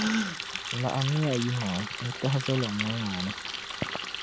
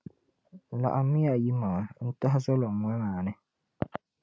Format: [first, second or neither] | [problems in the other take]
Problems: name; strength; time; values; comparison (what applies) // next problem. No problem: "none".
second | background sound (Gasp + Water tap, faucet); 3 dB below the speech